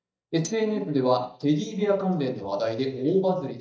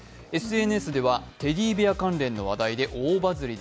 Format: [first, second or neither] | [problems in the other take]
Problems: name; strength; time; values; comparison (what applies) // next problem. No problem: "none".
second | noise reduction (neural mask model DeepFilterNet 3)